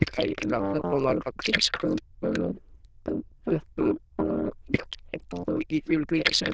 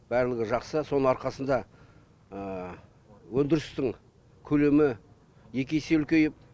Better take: second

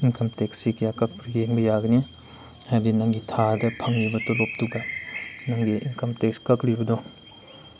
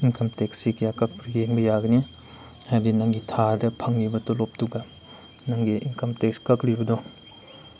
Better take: second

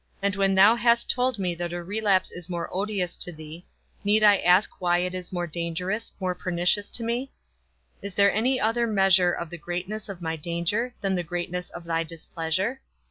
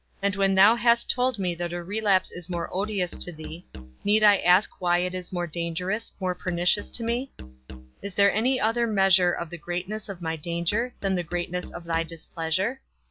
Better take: first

